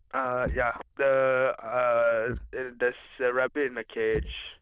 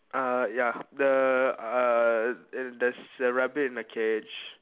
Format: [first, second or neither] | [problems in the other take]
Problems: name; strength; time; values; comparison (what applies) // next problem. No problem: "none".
second | noise reduction (neural diffusion model UNIVERSE++)